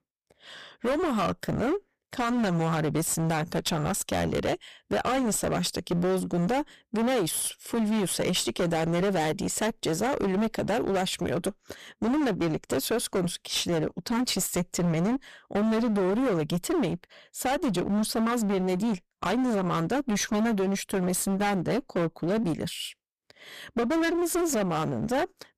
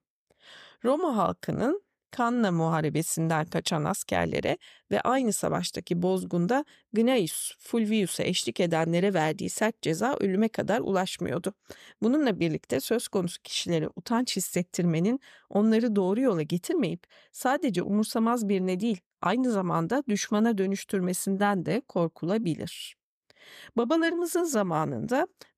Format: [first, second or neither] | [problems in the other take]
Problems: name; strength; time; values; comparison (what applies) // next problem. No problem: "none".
second | distortion; heavy; 23% of the sound clipped